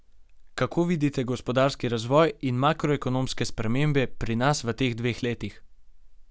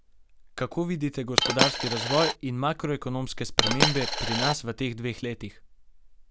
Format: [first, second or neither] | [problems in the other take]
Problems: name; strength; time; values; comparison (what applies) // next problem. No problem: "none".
first | background sound (Coin (dropping)); 4 dB above the speech